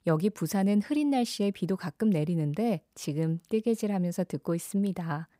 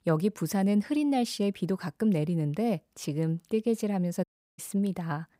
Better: first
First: none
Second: audio cutting out; at 4 s

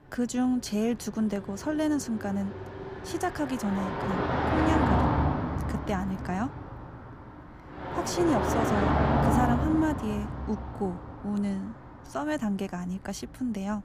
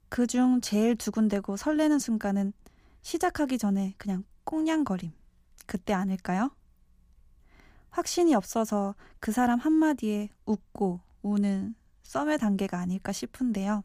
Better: second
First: traffic noise; very loud; throughout; 1 dB above the speech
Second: none

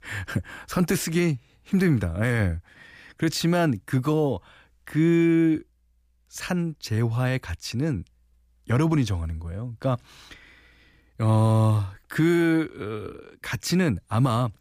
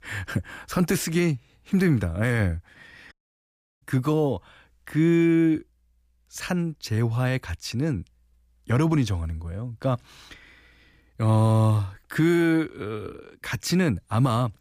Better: first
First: none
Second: audio cutting out; at 3 s for 0.5 s

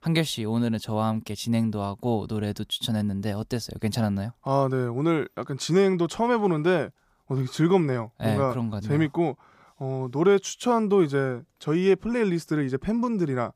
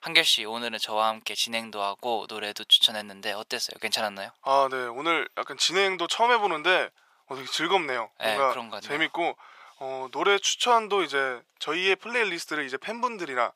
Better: first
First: none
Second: thin; very; fading below 750 Hz

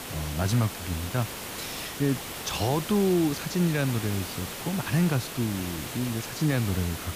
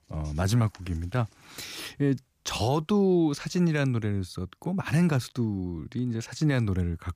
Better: second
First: hiss; loud; throughout; 7 dB below the speech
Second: none

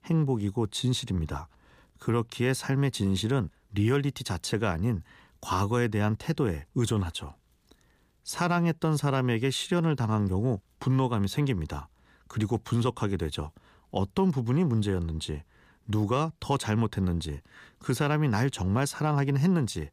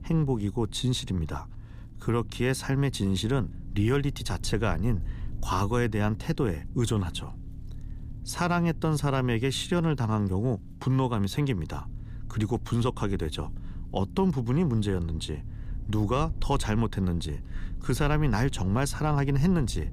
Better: first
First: none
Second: low rumble; faint; throughout; 20 dB below the speech

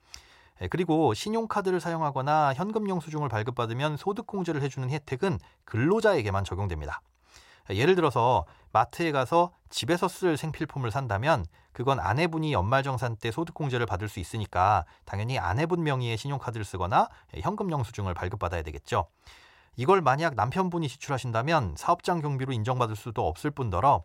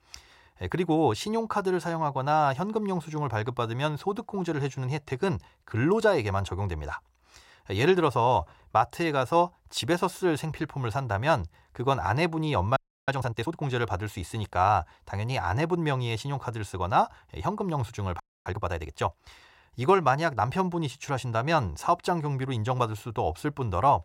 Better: first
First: none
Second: audio freezing; at 13 s and at 18 s

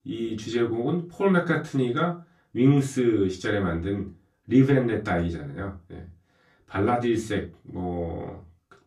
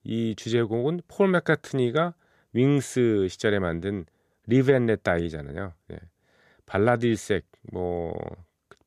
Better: second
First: off-mic speech; far // room echo; very slight; dies away in 0.2 s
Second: none

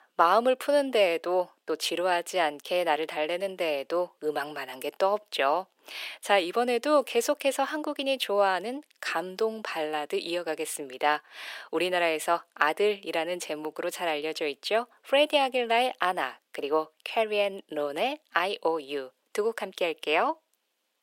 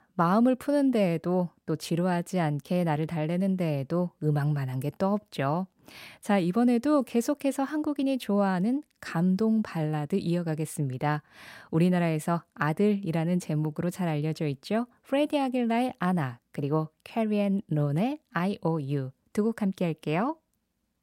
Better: second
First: thin; very; fading below 400 Hz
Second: none

